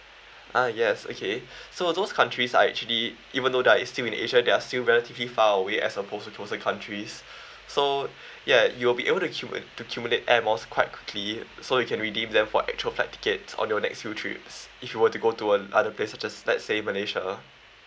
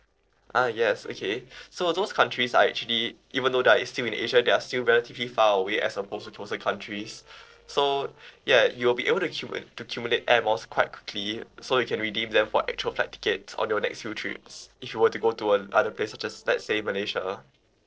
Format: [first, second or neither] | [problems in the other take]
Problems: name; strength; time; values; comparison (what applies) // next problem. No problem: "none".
first | noise reduction (neural separator model SepFormer DNS4)